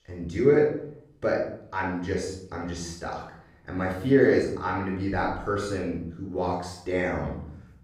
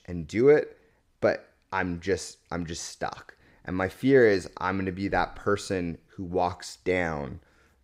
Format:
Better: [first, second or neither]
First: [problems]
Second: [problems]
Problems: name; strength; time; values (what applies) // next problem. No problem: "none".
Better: second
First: off-mic speech; far // room echo; noticeable; dies away in 0.7 s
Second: none